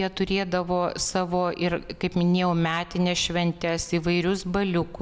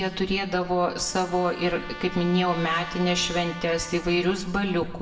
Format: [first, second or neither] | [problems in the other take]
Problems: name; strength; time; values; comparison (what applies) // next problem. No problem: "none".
first | background sound (Trumpet); 16 dB below the speech // room echo; dies away in 0.7 s